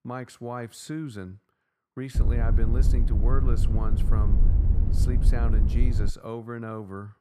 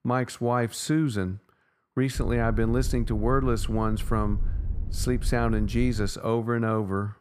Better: second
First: low rumble; loud; from 2 to 6 s; 4 dB below the speech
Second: low rumble; faint; from 2 to 6 s; 20 dB below the speech

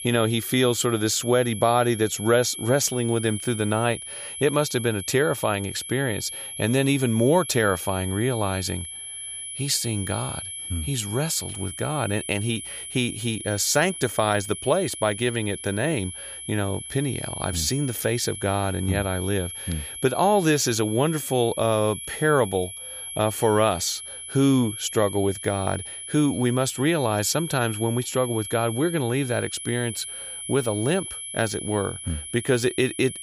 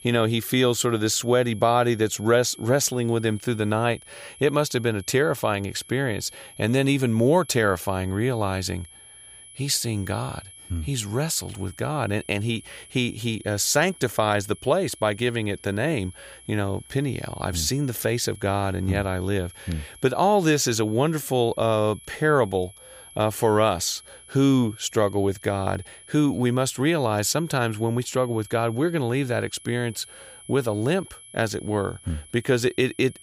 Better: second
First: high-pitched whine; loud; throughout; 11 kHz, 9 dB below the speech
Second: high-pitched whine; faint; throughout; 11 kHz, 20 dB below the speech

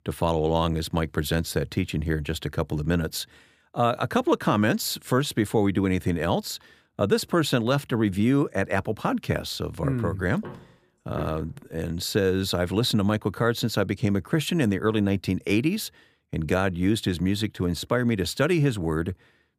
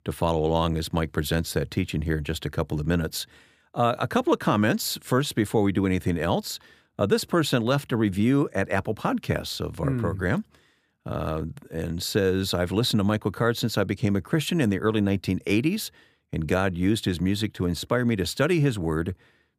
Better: second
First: footsteps; faint; from 10 to 11 s; peak 15 dB below the speech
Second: none

